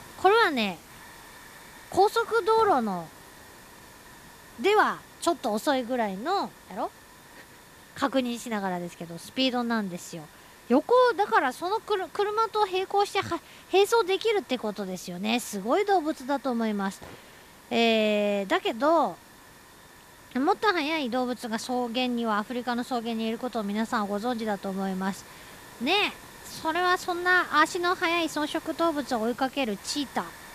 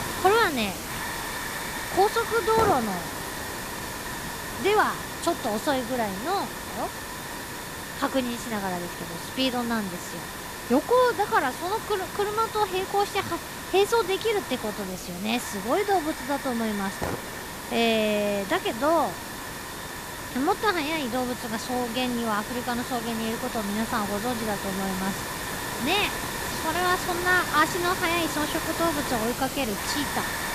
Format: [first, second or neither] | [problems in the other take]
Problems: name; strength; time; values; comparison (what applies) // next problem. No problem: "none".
first | hiss; loud; throughout; 6 dB below the speech; faint in the first